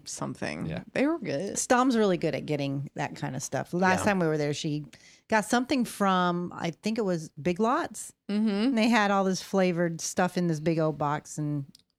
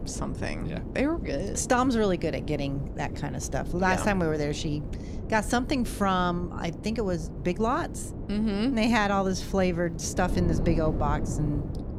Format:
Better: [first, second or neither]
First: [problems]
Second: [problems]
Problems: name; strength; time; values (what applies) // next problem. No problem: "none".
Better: first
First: none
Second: wind noise on the microphone; occasional gusts; 15 dB below the speech